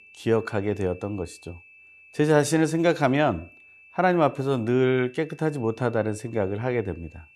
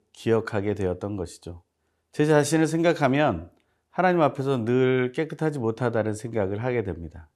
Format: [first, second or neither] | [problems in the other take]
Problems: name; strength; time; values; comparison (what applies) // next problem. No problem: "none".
second | high-pitched whine; faint; throughout; 2.5 kHz, 25 dB below the speech